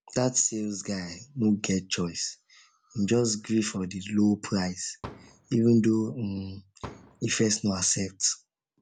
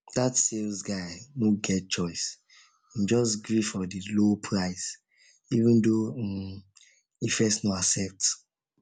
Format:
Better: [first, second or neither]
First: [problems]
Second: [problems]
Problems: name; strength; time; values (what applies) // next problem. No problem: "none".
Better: second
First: background sound (Fireworks); 18 dB below the speech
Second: none